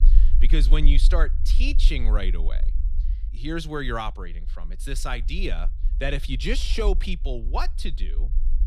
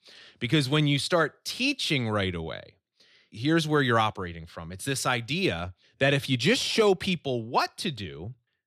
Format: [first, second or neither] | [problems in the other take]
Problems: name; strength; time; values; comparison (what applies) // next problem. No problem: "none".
second | low rumble; noticeable; throughout; 20 dB below the speech